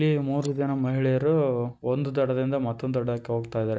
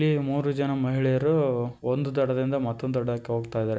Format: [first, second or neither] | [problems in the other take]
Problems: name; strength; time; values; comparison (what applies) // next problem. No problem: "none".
second | noise reduction (neural mask model DeepFilterNet 3)